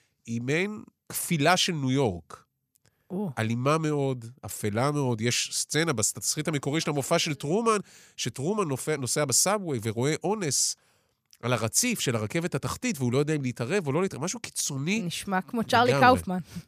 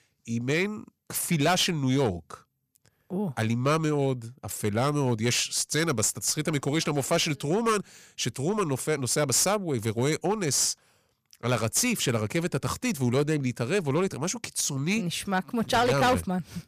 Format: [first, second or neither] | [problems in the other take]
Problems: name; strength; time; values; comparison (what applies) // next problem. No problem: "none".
first | distortion; slight; 6% of the sound clipped